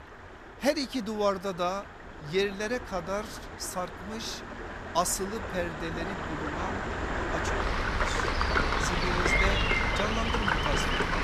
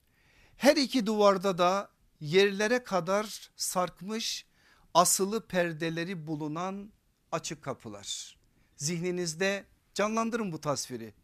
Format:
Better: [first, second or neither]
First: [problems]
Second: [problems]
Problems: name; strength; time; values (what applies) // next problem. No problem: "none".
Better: second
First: rain or running water; very loud; throughout; 4 dB above the speech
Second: none